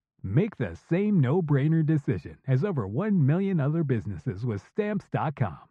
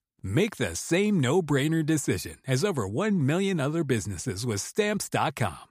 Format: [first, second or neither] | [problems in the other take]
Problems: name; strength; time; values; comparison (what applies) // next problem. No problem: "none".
second | muffled; very; fading above 1.5 kHz